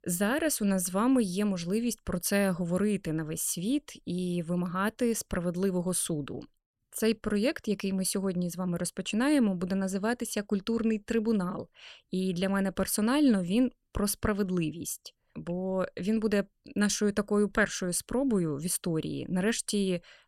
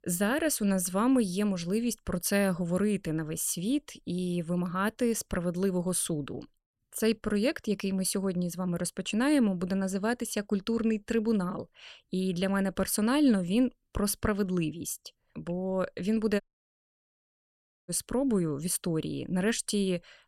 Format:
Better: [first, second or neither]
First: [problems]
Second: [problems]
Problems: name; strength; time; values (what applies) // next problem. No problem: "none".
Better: first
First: none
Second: audio cutting out; at 16 s for 1.5 s